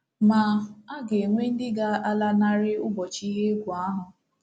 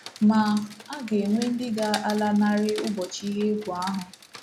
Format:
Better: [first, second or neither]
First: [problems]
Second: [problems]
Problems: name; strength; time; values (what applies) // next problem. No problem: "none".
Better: first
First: none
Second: background sound (Rain); 16 dB below the speech